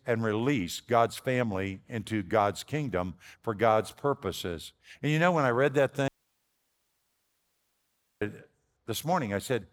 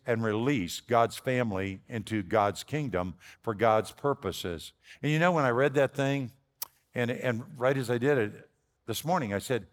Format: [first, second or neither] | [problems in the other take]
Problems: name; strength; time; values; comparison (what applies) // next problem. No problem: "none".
second | audio cutting out; at 6 s for 2 s